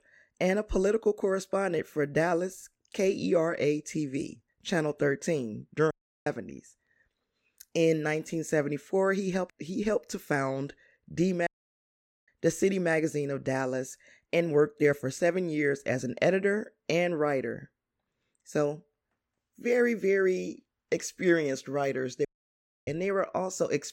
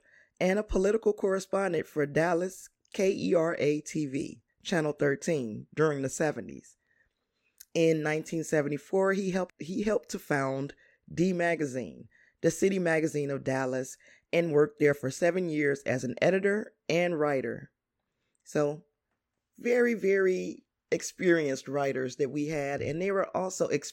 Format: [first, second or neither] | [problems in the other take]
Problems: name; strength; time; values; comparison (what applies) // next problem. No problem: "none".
second | audio cutting out; at 6 s, at 11 s for 1 s and at 22 s for 0.5 s